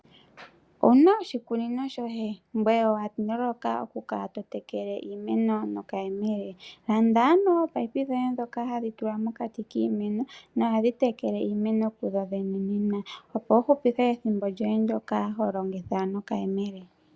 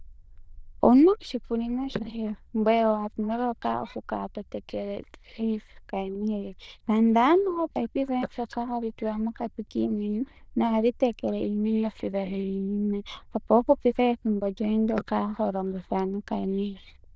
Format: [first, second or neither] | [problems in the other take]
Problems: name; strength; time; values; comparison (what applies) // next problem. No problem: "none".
first | noise reduction (neural diffusion model UNIVERSE++)